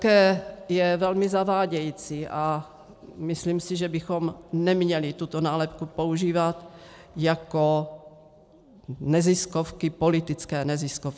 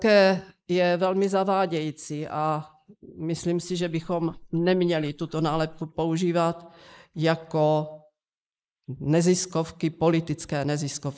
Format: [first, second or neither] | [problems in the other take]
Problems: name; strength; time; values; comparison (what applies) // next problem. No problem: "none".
first | noise reduction (neural mask model Resemble Enhance denoiser)